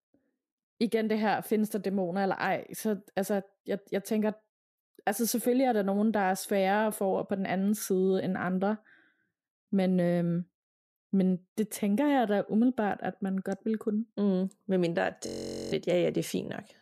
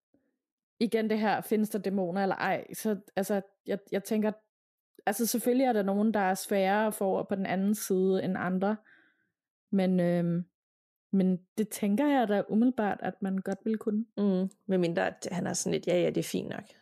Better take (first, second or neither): second